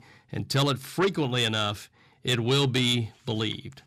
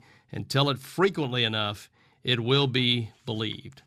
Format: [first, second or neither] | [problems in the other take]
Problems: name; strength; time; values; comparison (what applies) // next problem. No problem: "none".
second | distortion; slight; 10 dB below the speech